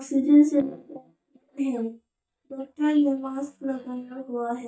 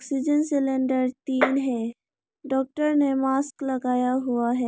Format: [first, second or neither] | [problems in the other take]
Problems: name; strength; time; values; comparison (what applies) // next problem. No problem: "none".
second | noise reduction (neural mask model DeepFilterNet 3)